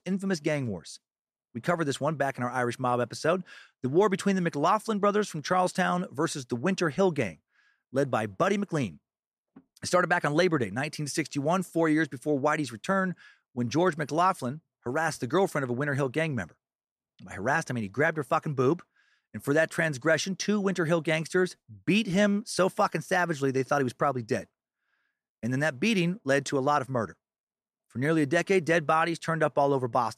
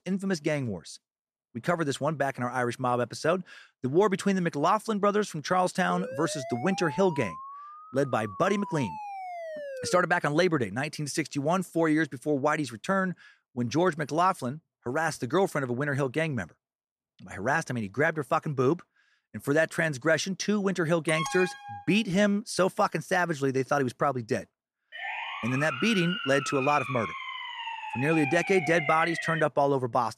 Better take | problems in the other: first | siren; faint; from 6 to 10 s; peak 10 dB below the speech // alarm; noticeable; at 21 s; peak 4 dB below the speech // siren; noticeable; from 25 to 29 s; peak 4 dB below the speech

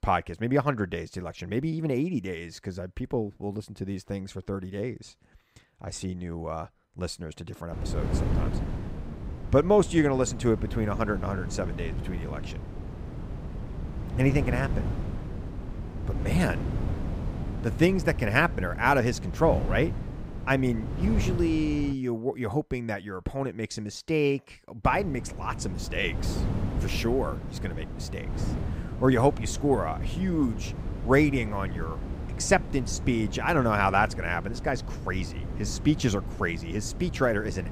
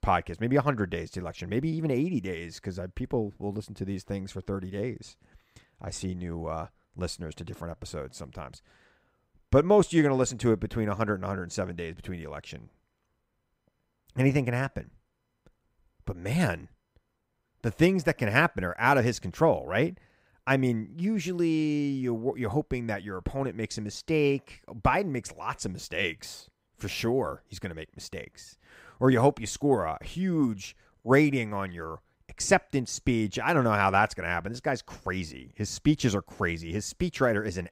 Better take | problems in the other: second | wind noise on the microphone; occasional gusts; from 7.5 to 22 s and from 25 s on; 15 dB below the speech

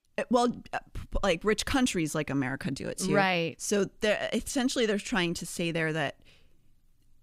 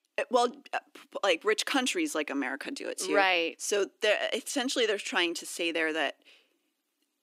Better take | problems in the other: first | thin; somewhat; fading below 300 Hz

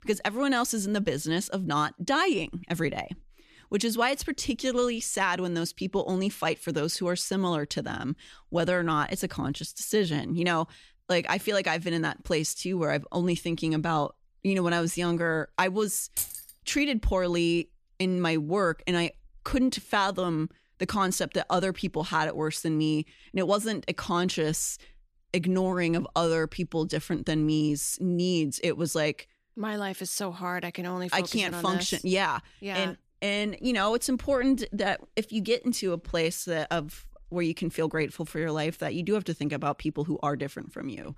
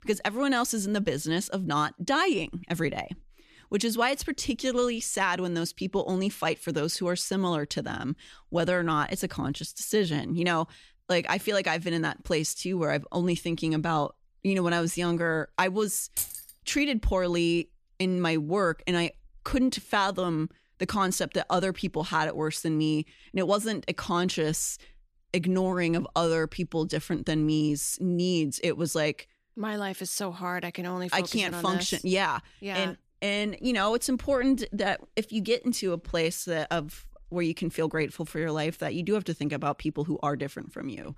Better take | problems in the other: neither | jangling keys; noticeable; at 16 s; peak 3 dB below the speech; the same in both

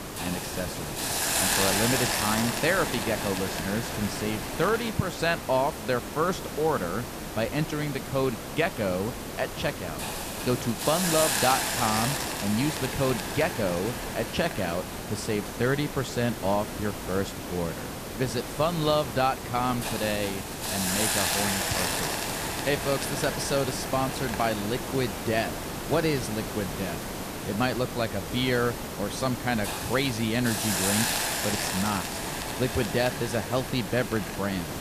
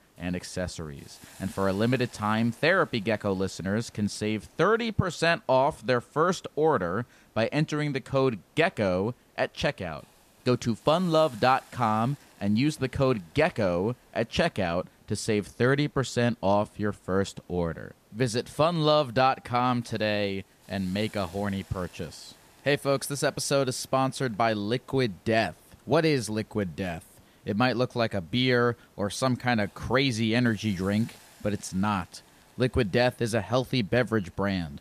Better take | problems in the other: second | hiss; loud; throughout; 1 dB below the speech; faint in the second

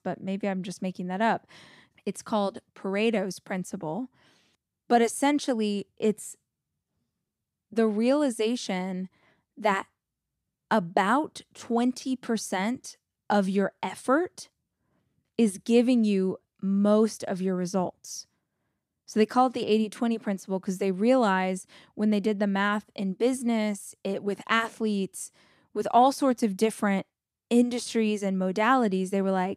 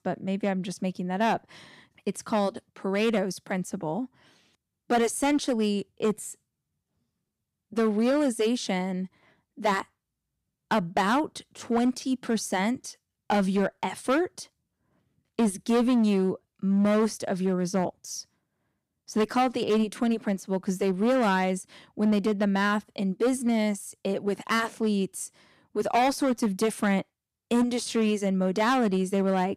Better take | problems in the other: first | distortion; slight; 6% of the sound clipped

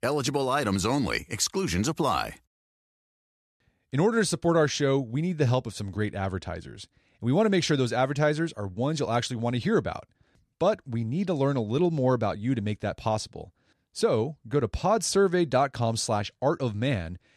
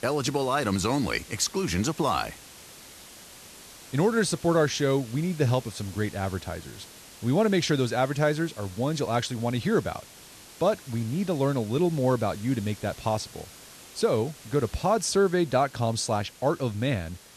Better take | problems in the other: first | hiss; noticeable; throughout; 20 dB below the speech

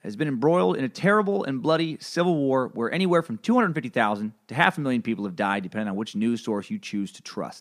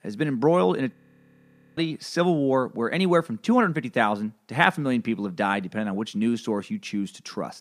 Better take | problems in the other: first | audio freezing; at 1 s for 1 s

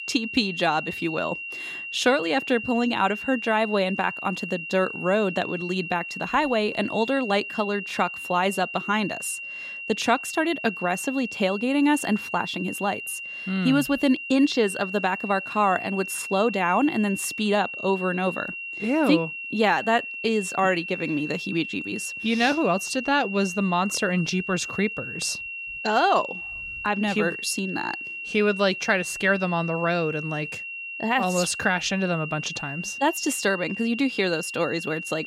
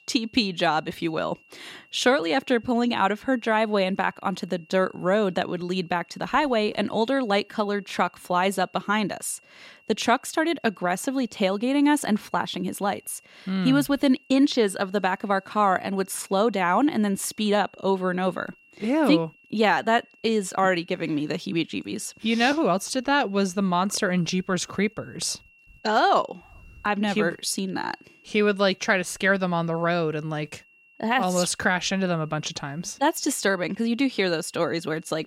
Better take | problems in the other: second | high-pitched whine; loud; throughout; 2.5 kHz, 8 dB below the speech; faint in the second

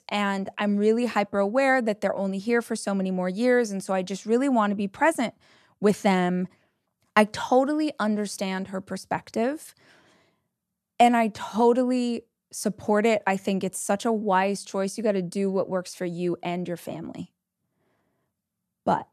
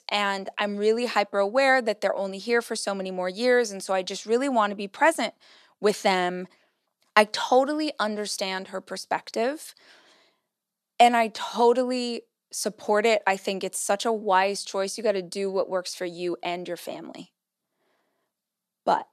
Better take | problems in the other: first | thin; somewhat; fading below 350 Hz

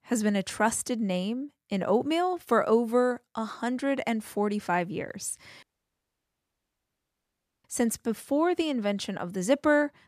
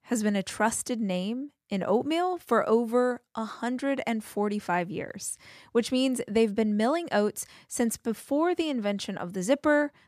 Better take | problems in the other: second | audio cutting out; at 5.5 s for 2 s

